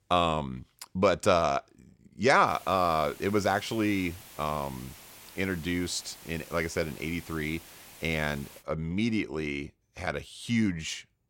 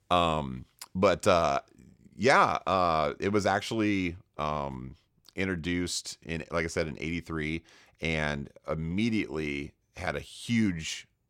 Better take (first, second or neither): second